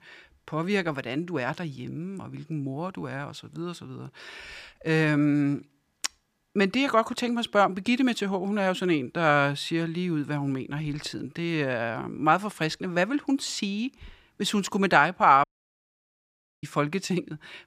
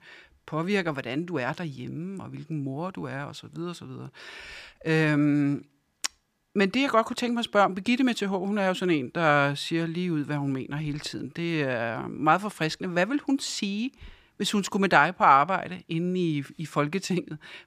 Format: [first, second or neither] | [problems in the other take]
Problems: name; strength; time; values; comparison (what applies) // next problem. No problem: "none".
second | audio cutting out; at 15 s for 1 s